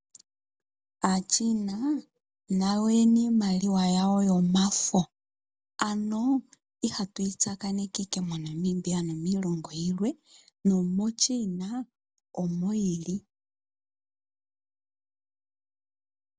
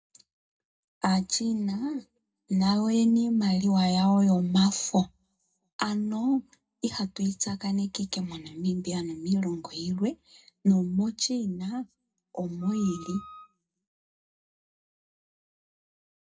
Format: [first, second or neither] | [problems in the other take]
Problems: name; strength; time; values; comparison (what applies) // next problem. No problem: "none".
first | background sound (Wind instrument, woodwind instrument); 19 dB below the speech // room echo; dies away in 0.2 s